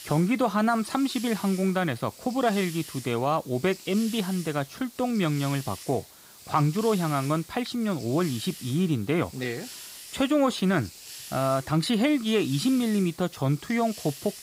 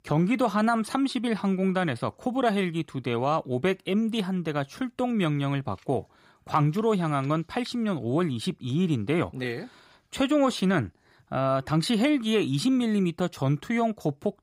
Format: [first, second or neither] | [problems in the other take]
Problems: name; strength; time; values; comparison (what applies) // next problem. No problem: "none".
second | hiss; noticeable; throughout; 15 dB below the speech